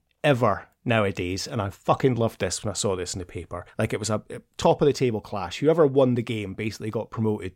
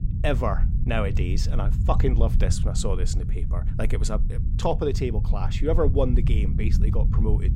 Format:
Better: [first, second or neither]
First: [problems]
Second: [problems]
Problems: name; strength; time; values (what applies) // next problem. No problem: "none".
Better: first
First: none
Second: low rumble; noticeable; throughout; 10 dB below the speech